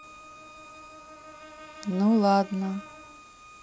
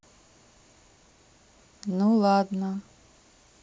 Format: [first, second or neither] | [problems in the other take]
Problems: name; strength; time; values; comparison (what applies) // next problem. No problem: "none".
second | background sound (Brass instrument + Bowed string instrument); 18 dB below the speech